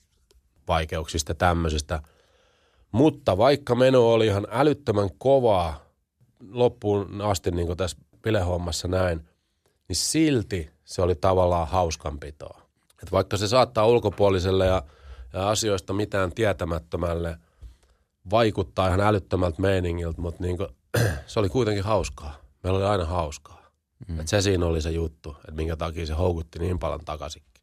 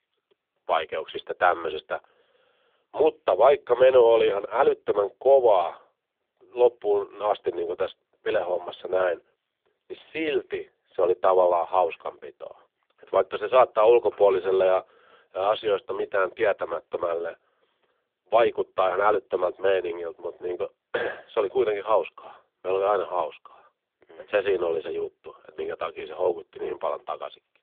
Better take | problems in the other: first | phone-call audio; poor line; nothing above 3.5 kHz

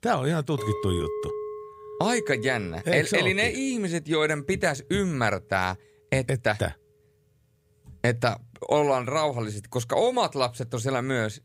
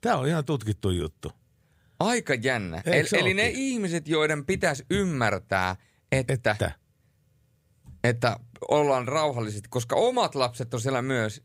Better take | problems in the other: second | clattering dishes; noticeable; from 0.5 to 4.5 s; peak 6 dB below the speech

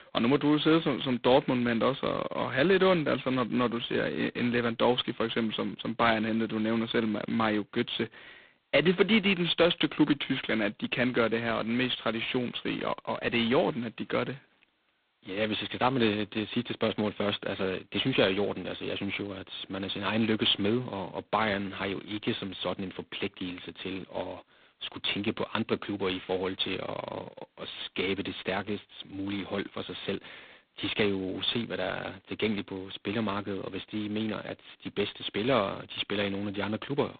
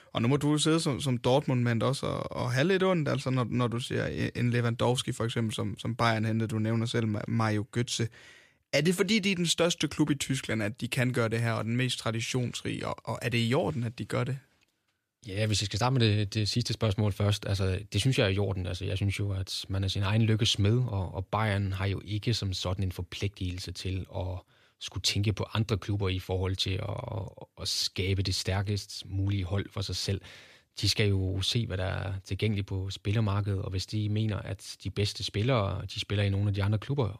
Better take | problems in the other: second | phone-call audio; poor line; nothing above 4 kHz

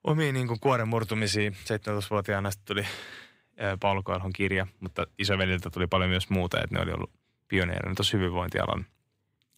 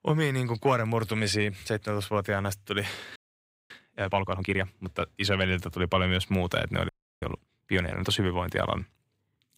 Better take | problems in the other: first | audio freezing; at 3 s for 0.5 s and at 7 s

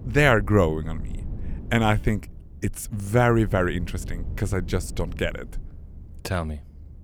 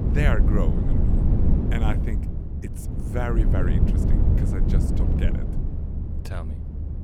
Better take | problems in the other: first | low rumble; loud; throughout; 2 dB below the speech; faint in the first

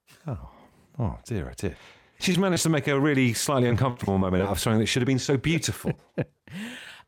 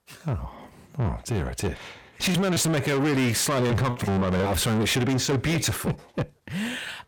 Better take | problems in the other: first | distortion; heavy; 7 dB below the speech

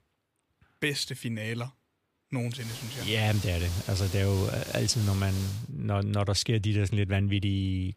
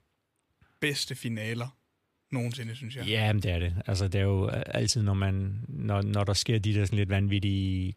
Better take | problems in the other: second | hiss; very faint; from 2.5 to 5.5 s; 10 dB below the speech

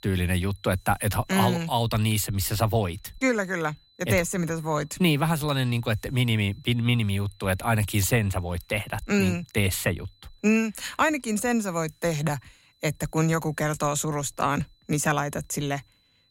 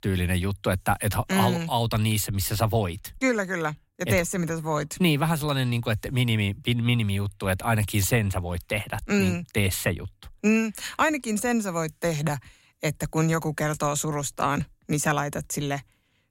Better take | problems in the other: second | high-pitched whine; faint; throughout; 4 kHz, 35 dB below the speech

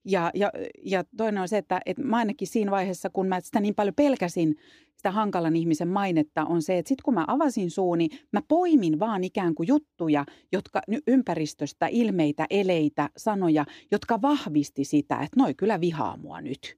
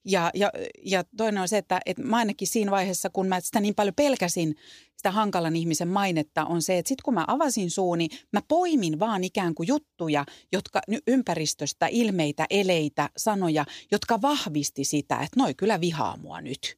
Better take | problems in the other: second | muffled; slightly; fading above 3 kHz

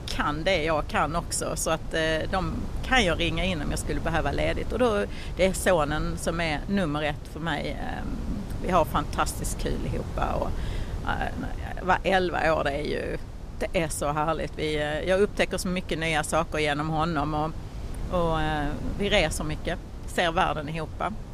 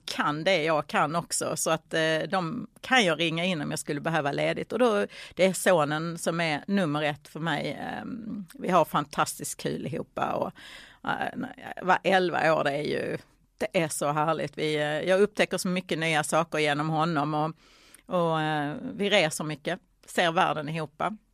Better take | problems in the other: second | wind noise on the microphone; occasional gusts; 20 dB below the speech

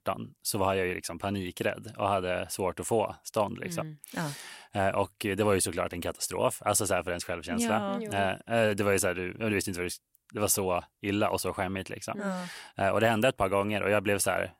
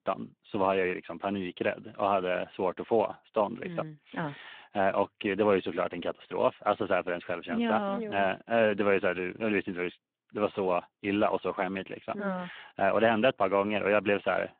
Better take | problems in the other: first | phone-call audio

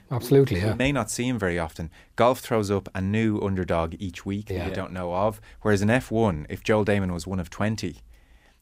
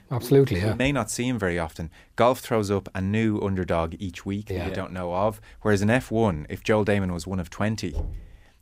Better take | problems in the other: first | door banging; noticeable; at 8 s; peak 10 dB below the speech

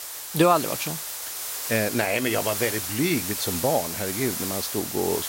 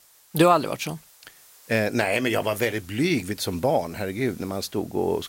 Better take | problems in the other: second | hiss; loud; throughout; 3 dB below the speech; faint in the second

